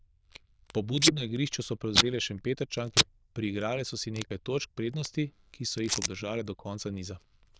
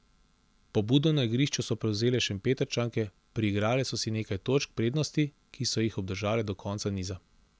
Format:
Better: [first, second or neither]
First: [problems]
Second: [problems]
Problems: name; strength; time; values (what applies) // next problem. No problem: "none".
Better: second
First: noise reduction (neural diffusion model UNIVERSE++)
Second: none